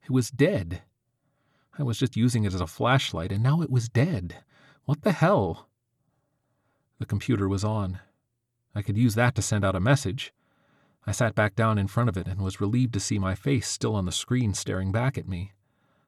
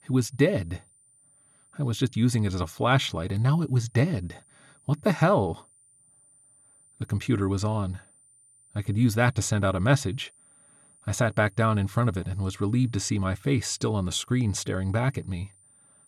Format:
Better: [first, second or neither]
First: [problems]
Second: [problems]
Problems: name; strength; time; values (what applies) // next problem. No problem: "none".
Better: first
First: none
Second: high-pitched whine; faint; throughout; 9 kHz, 30 dB below the speech